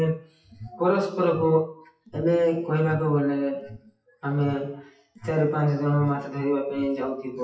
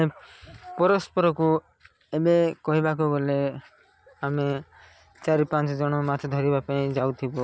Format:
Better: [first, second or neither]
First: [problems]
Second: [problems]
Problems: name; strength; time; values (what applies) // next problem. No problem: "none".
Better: second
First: noise reduction (classical method WPE with log-MMSE)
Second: none